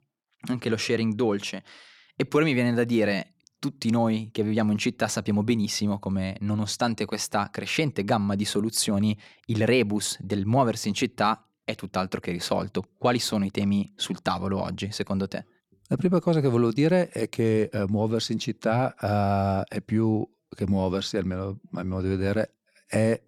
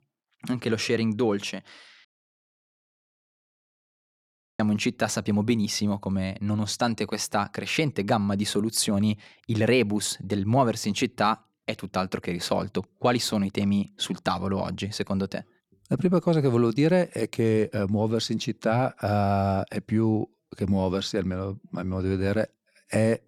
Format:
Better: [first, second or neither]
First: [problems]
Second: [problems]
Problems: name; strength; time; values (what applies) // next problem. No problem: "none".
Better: first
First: none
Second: audio cutting out; at 2 s for 2.5 s